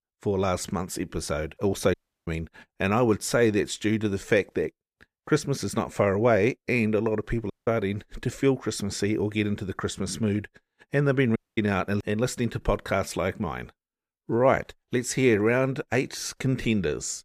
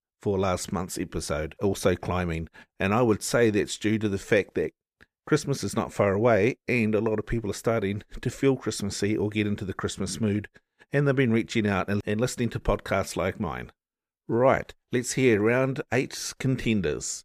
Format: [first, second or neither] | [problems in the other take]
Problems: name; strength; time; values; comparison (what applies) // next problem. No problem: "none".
second | audio cutting out; at 2 s, at 7.5 s and at 11 s